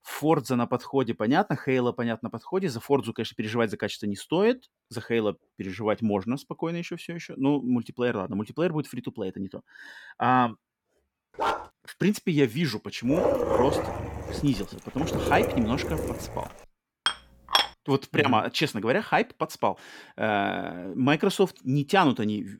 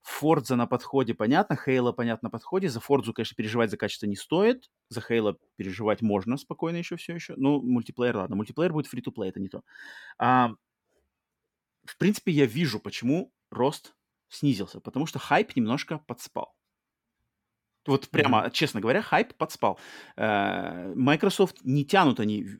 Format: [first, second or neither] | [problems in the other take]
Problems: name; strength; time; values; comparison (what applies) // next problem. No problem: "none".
second | dog barking; noticeable; at 11 s; peak 2 dB below the speech // dog barking; loud; from 13 to 16 s; peak 3 dB above the speech // clattering dishes; loud; at 17 s; peak 3 dB above the speech